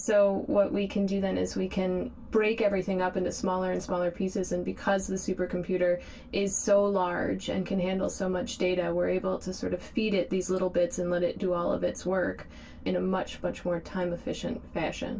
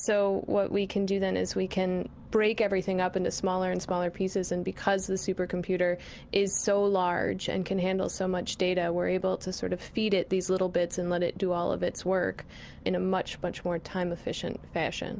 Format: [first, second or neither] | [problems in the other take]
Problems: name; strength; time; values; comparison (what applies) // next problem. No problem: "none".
second | room echo; dies away in 0.1 s